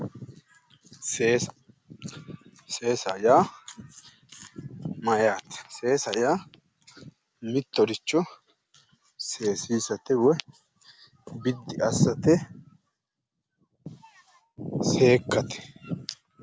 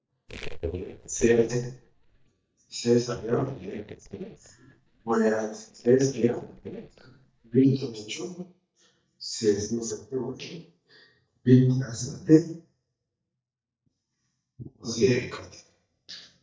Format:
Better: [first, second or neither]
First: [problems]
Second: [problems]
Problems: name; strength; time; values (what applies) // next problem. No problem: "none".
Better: first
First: none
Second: noise reduction (neural mask model DeepFilterNet 3)